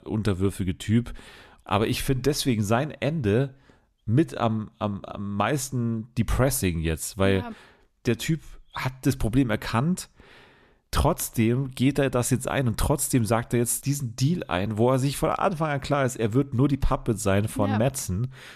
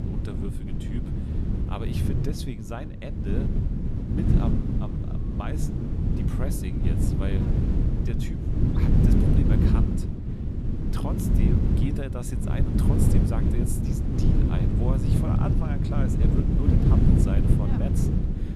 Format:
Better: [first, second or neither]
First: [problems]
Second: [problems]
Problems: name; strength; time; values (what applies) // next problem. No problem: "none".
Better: first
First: none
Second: wind noise on the microphone; heavy; 5 dB above the speech